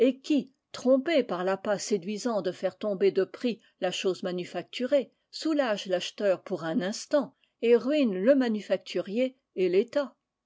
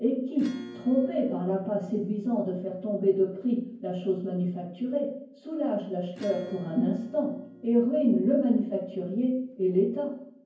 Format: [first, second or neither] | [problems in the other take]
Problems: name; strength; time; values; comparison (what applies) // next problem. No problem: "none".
first | background sound (Acoustic guitar / Strum); 20 dB below the speech // room echo; dies away in 0.9 s